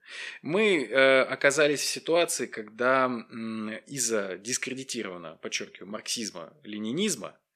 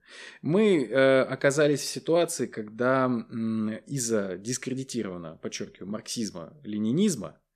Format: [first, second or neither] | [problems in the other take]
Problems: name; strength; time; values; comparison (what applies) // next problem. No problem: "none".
second | thin; very slightly; fading below 600 Hz